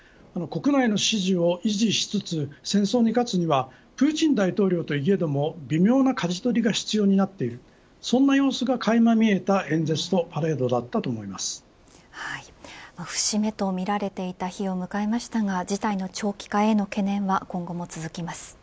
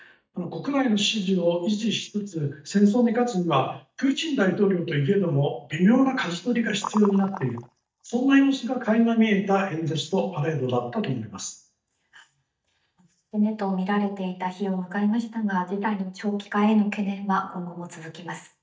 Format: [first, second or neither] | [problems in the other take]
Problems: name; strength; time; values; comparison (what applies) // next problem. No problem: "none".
first | noise reduction (neural mask model DeepFilterNet 3)